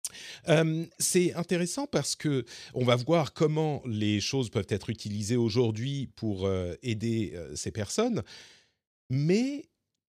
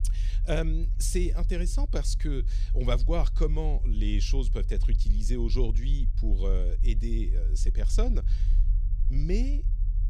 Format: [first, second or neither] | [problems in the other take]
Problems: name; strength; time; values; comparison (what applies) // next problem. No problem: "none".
first | low rumble; noticeable; throughout; 15 dB below the speech